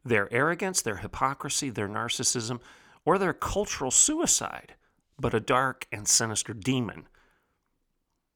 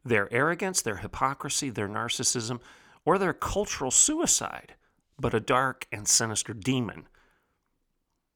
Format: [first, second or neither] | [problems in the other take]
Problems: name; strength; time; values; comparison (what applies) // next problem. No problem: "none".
neither | none